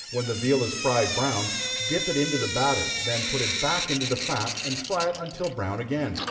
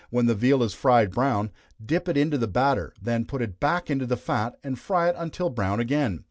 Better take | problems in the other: second | background sound (Drip / Sink (filling or washing)); 3 dB below the speech // room echo; dies away in 2.5 s

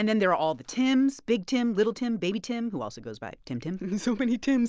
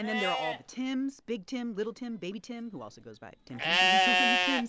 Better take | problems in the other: first | background sound (Livestock, farm animals, working animals); 5 dB above the speech

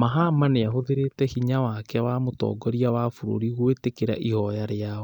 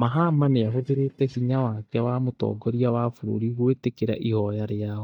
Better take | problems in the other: first | noise reduction (neural mask model DeepFilterNet 3)

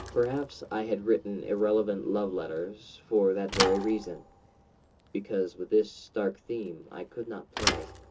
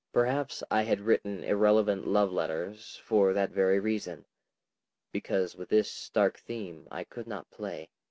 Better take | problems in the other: second | background sound (Thump, thud / Bicycle); 8 dB below the speech // room echo; dies away in 0.2 s

